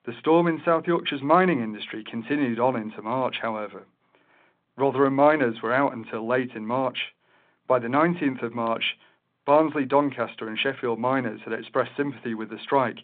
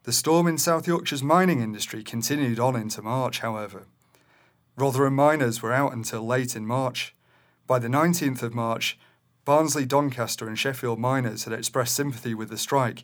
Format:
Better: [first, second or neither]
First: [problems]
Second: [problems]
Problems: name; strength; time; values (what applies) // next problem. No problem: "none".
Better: second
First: phone-call audio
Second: none